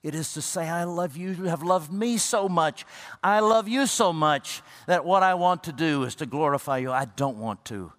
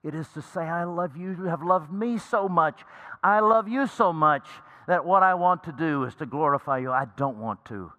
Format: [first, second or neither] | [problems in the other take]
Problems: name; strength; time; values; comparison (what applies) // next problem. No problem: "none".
first | muffled; very; fading above 3 kHz